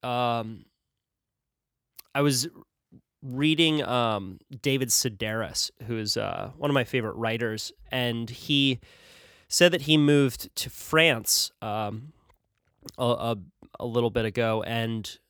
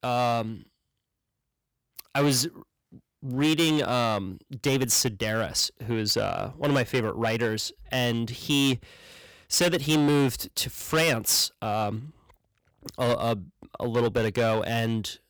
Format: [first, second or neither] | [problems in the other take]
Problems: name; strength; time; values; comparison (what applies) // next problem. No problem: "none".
first | distortion; heavy; 8% of the sound clipped